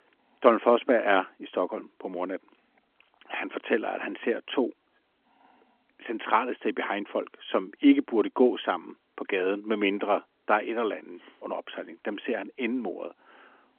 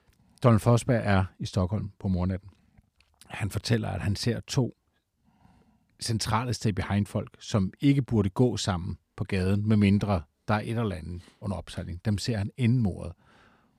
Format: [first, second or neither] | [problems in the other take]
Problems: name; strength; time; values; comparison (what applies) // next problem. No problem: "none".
second | phone-call audio; nothing above 3.5 kHz